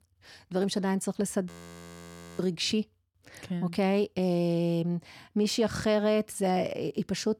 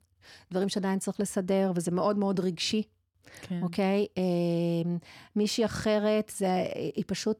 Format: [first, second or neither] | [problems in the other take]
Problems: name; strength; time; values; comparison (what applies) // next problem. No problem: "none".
second | audio freezing; at 1.5 s for 1 s